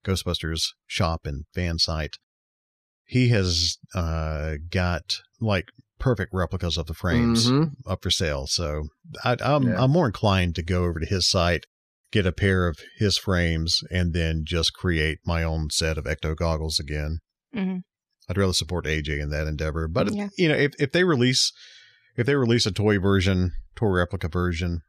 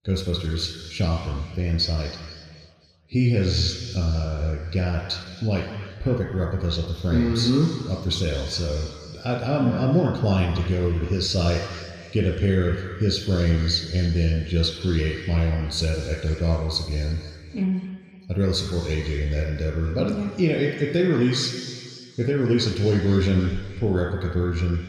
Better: first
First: none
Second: room echo; noticeable; dies away in 2.1 s // off-mic speech; somewhat distant

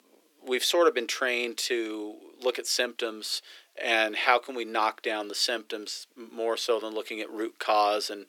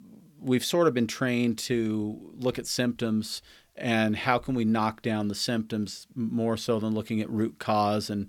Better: second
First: thin; very; fading below 350 Hz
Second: none

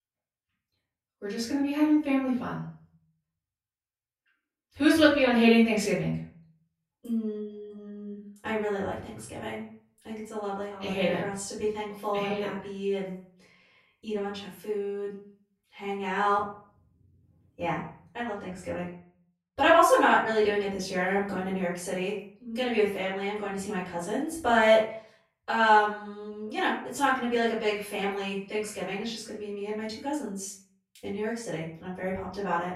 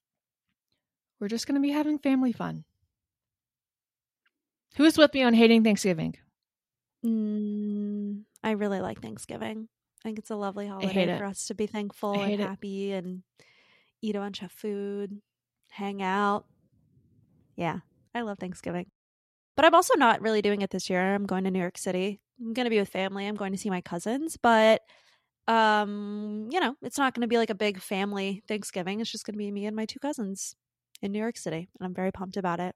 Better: second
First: off-mic speech; far // room echo; noticeable; dies away in 0.5 s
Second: none

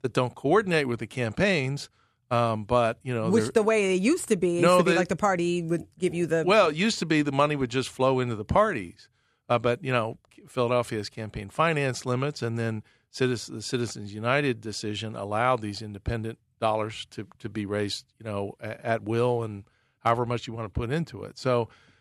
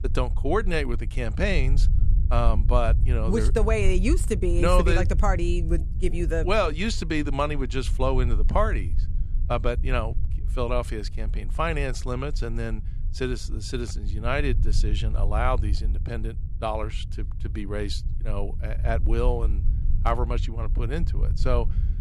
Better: first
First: none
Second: low rumble; noticeable; throughout; 20 dB below the speech

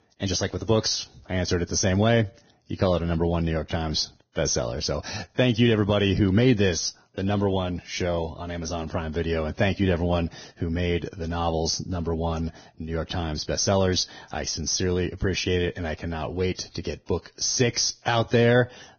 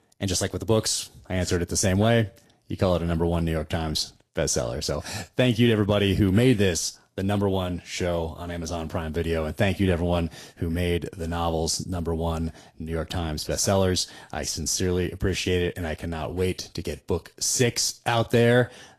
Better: second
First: garbled, watery; badly; nothing above 6.5 kHz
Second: garbled, watery; slightly; nothing above 12.5 kHz

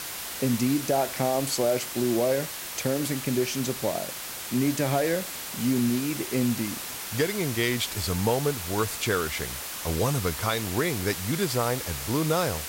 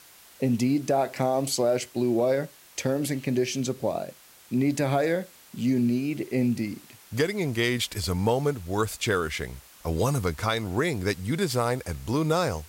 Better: second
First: hiss; loud; throughout; 5 dB below the speech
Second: hiss; faint; throughout; 25 dB below the speech

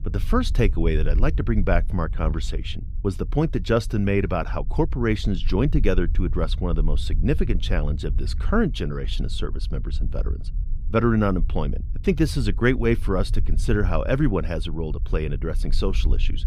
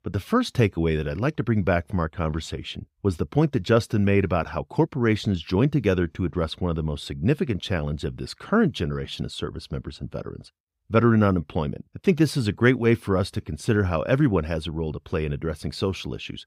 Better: second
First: low rumble; faint; throughout; 20 dB below the speech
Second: none

